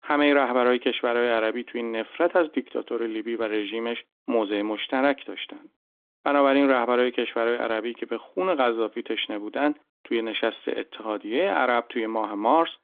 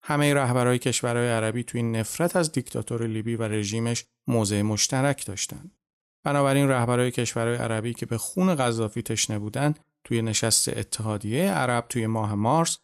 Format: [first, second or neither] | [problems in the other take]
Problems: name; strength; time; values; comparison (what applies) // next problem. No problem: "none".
second | phone-call audio; nothing above 3.5 kHz